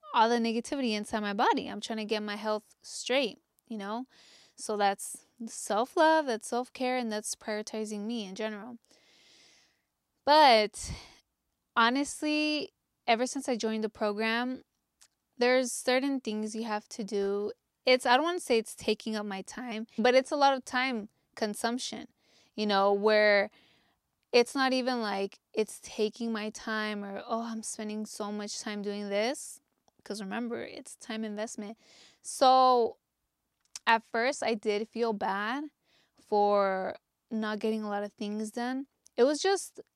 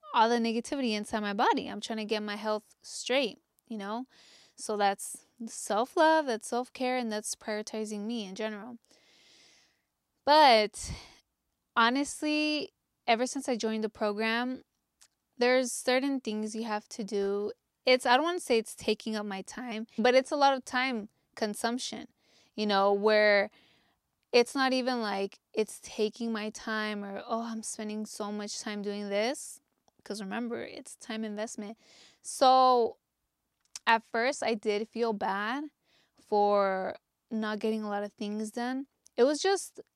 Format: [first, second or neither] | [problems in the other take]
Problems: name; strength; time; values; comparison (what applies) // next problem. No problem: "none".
neither | none